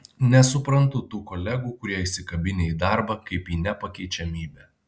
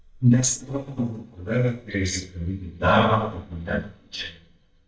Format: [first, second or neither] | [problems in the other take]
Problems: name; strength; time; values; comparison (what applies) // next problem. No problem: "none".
first | noise reduction (neural mask model DeepFilterNet 3)